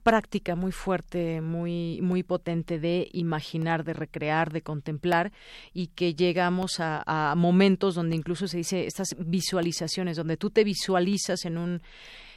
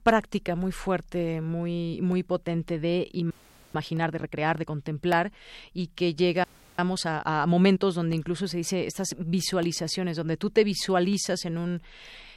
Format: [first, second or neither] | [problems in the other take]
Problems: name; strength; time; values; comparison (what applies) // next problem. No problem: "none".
first | audio freezing; at 3.5 s and at 6.5 s